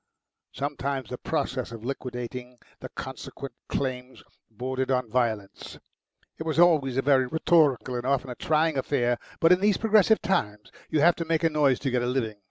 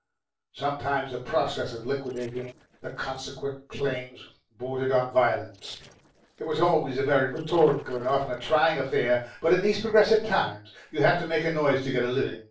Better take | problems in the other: first | noise reduction (neural separator model SepFormer DNS4)

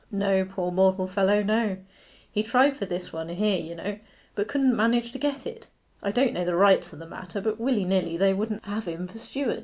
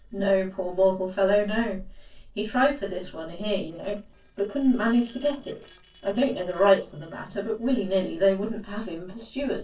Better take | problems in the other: first | noise reduction (neural separator model SepFormer DNS4)

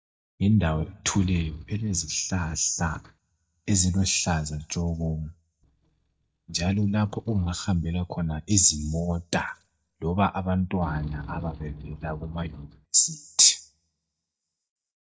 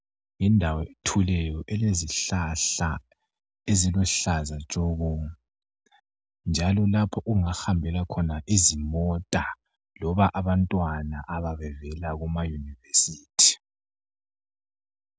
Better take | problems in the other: second | noise reduction (neural mask model DeepFilterNet 3)

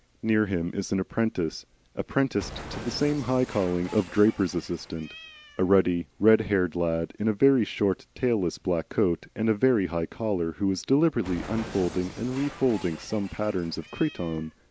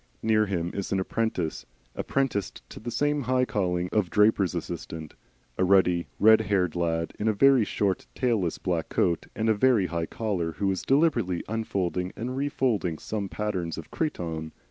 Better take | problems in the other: second | background sound (Cat); 19 dB below the speech

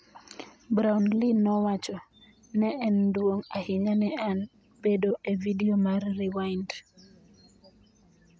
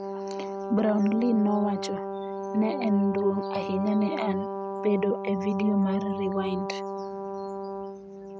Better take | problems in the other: first | background sound (Brass instrument); 5 dB below the speech

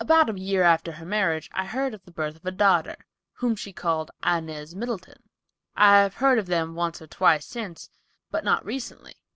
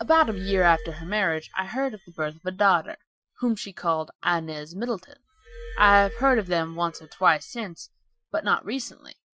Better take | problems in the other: first | noise reduction (classical method Wiener filter)

